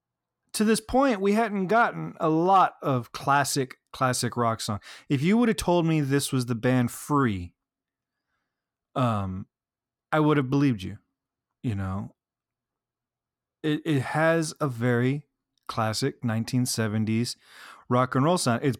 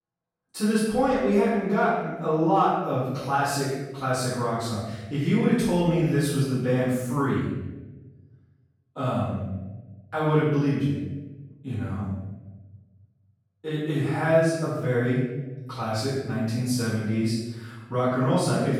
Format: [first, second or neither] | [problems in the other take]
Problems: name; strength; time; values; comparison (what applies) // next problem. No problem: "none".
first | off-mic speech; far // room echo; strong; dies away in 1 s